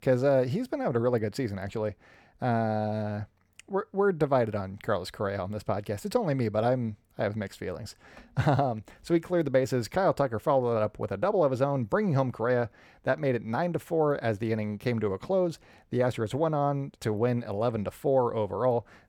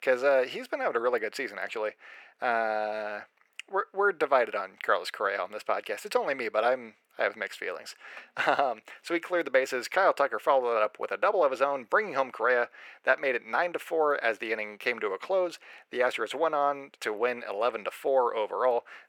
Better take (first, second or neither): first